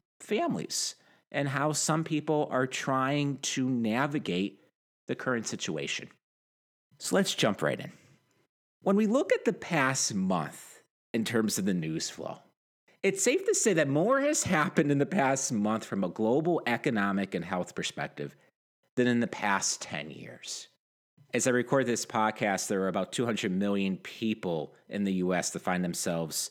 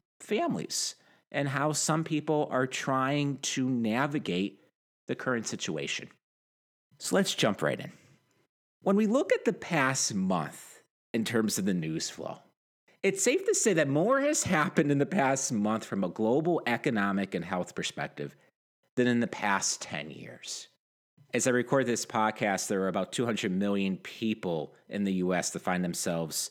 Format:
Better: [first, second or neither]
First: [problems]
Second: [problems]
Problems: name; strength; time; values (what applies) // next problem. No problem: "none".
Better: neither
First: none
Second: none